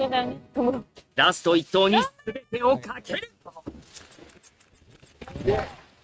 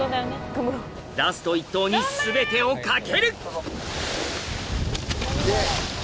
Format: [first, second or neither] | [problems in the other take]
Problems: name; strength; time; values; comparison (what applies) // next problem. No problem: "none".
second | noise reduction (neural mask model RNNoise)